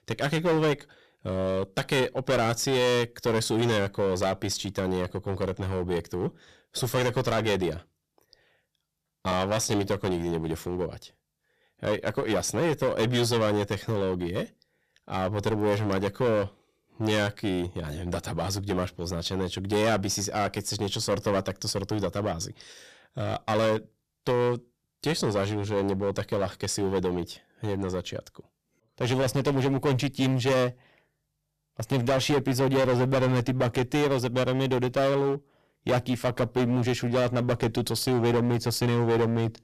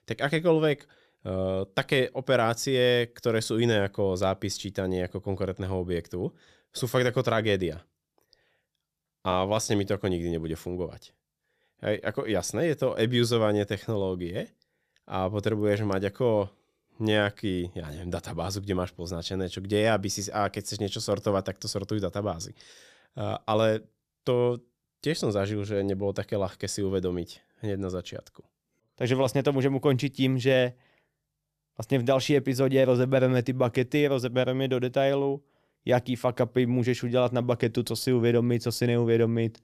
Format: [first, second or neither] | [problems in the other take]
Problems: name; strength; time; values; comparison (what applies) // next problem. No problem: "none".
second | distortion; heavy; 13% of the sound clipped